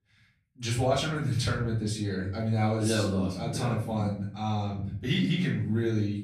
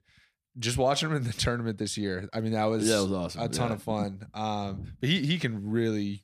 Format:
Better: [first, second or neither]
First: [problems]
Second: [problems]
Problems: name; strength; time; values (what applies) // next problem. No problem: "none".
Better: second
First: room echo; slight; dies away in 0.7 s // off-mic speech; far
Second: none